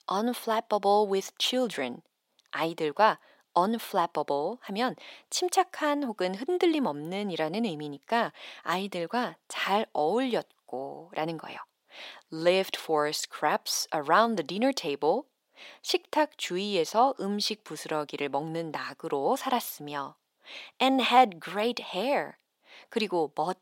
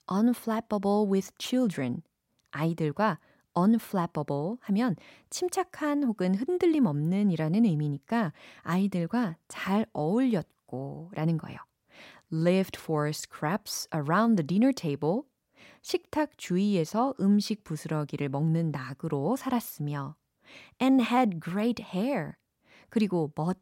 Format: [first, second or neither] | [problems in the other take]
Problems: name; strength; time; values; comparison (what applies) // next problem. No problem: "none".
second | thin; somewhat; fading below 450 Hz